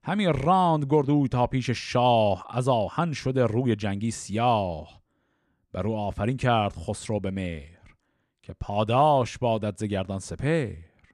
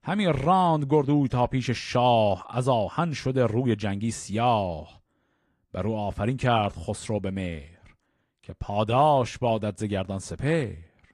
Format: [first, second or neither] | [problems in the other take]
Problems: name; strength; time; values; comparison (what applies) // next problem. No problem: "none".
first | garbled, watery; slightly